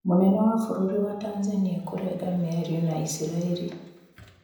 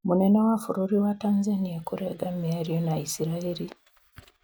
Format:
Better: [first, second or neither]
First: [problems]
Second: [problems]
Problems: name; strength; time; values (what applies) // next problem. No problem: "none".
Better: second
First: room echo; dies away in 0.8 s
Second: none